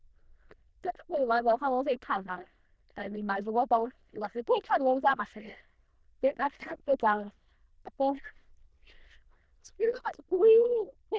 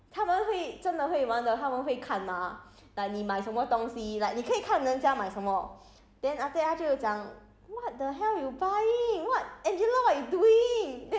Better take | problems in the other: second | noise reduction (neural diffusion model UNIVERSE++)

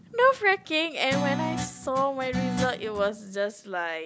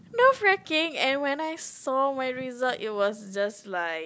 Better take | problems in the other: second | background sound (Guitar); 5 dB below the speech

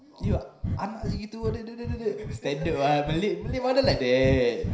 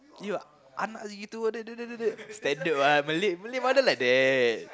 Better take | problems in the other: second | background sound (Breathing); 6 dB below the speech // room echo; dies away in 0.5 s

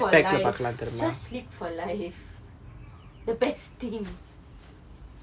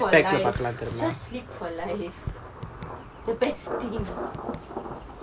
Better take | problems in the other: first | background sound (Thunder + Raindrop / Drip); 9 dB below the speech

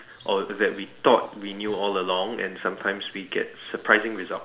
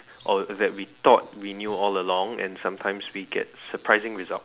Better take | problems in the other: second | room echo; dies away in 2 s

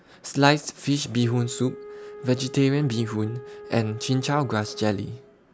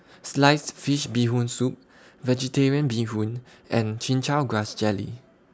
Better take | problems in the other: second | background sound (Wind instrument, woodwind instrument); 17 dB below the speech

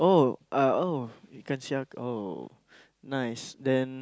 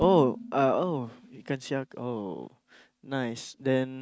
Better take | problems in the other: first | noise reduction (neural mask model RNNoise)

